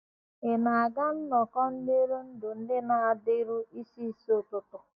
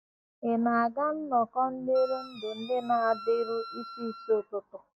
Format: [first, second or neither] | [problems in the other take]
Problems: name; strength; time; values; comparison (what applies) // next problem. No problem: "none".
first | background sound (Wind instrument, woodwind instrument); 14 dB below the speech